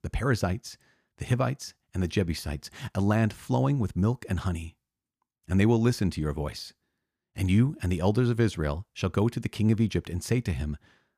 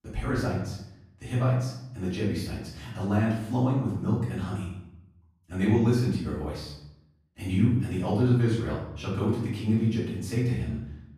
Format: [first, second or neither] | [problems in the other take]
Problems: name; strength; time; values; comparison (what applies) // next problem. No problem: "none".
first | room echo; noticeable; dies away in 0.7 s // off-mic speech; far